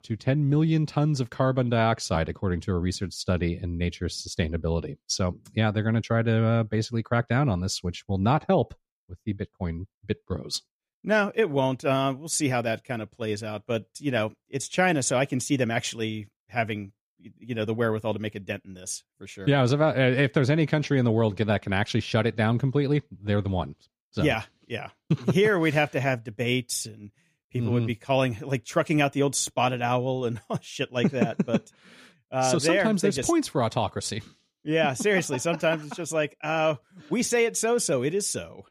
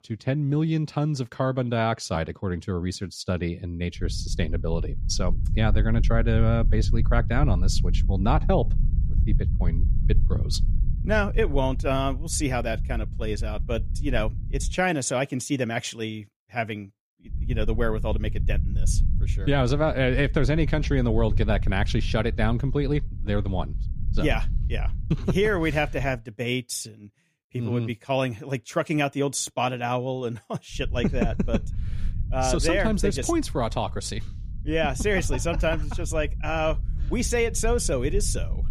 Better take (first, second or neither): first